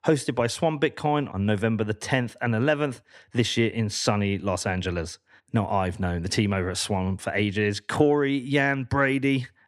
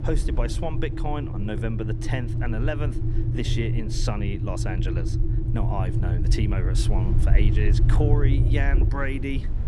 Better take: first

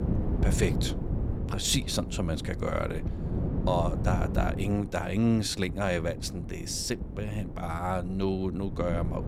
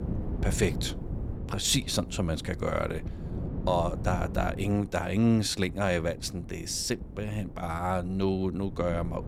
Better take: second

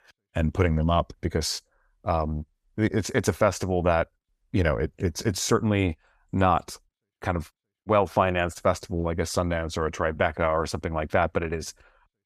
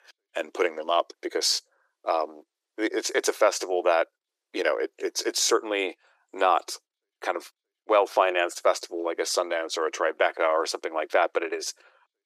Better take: first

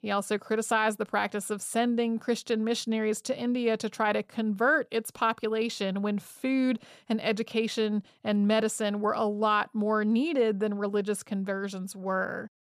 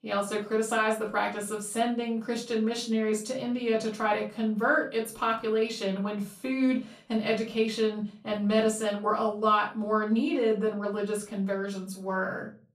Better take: first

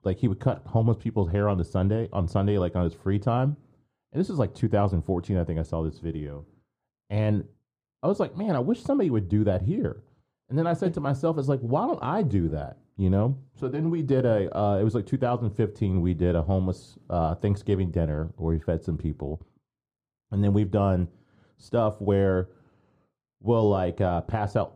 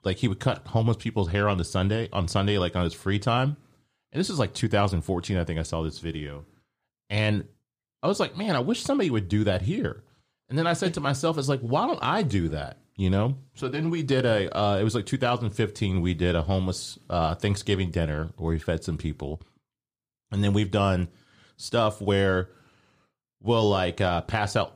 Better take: second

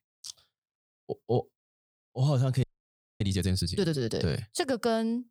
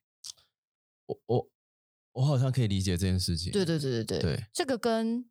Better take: second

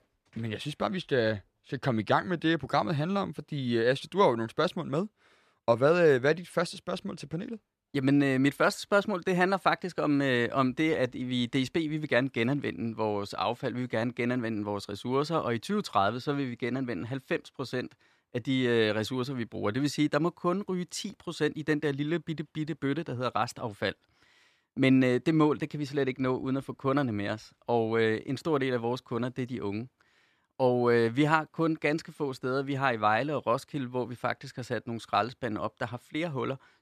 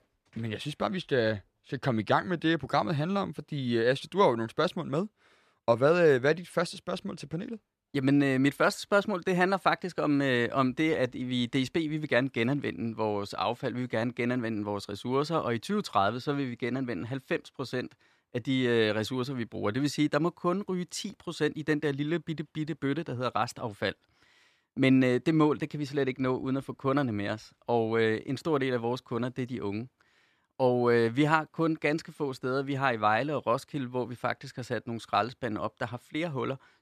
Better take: neither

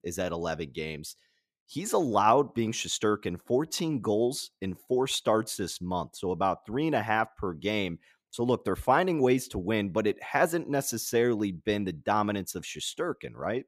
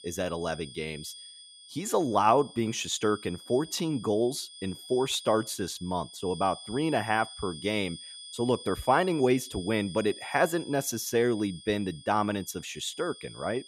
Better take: first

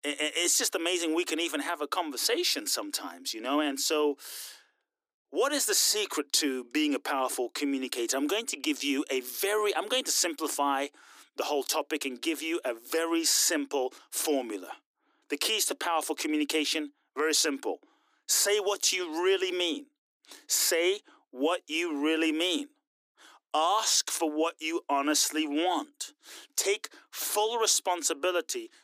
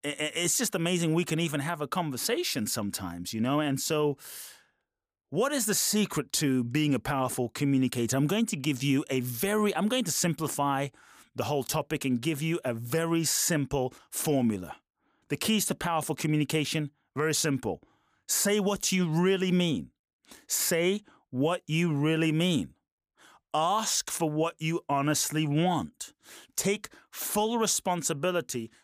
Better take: second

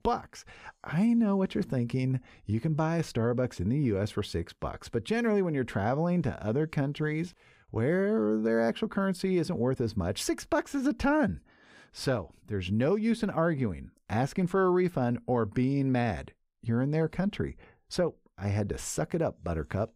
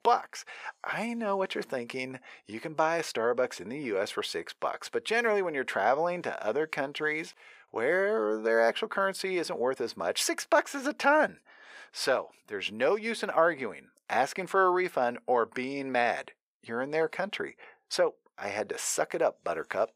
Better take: first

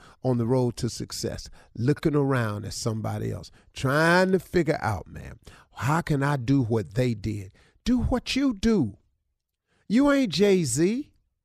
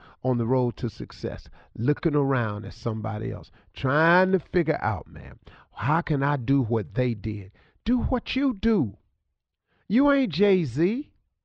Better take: first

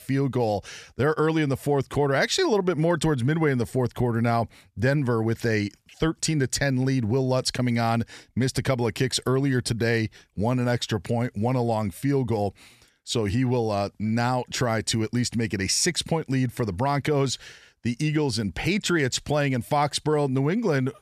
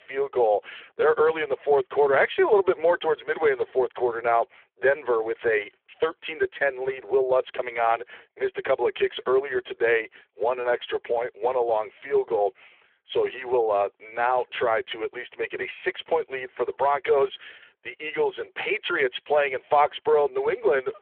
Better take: first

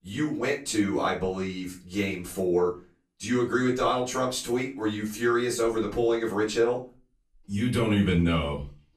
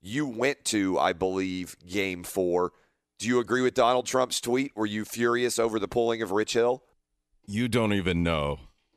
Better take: second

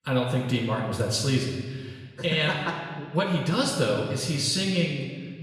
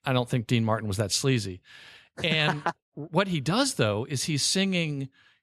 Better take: second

